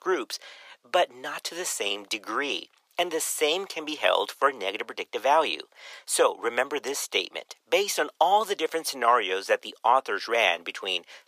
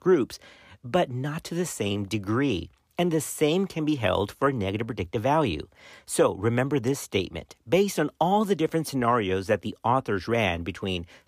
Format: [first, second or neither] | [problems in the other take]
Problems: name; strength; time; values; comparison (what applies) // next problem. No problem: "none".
second | thin; very; fading below 550 Hz